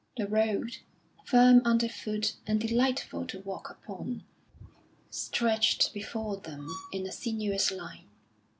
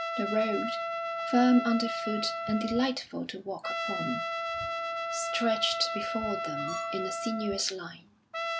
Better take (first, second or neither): first